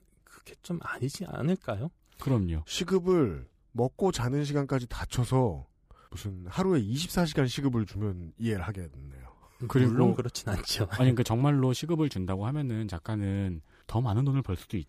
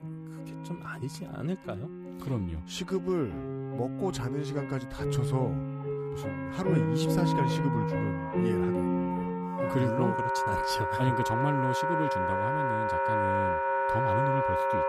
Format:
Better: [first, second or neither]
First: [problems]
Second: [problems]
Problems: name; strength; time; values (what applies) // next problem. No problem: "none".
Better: first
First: none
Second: background music; very loud; throughout; 4 dB above the speech